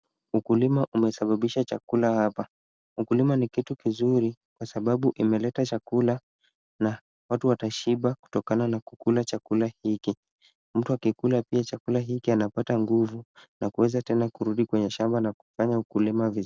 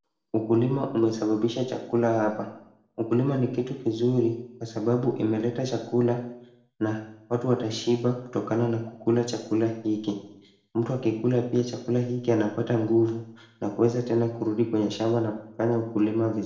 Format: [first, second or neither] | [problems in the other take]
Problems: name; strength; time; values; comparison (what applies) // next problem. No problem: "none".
first | room echo; dies away in 0.6 s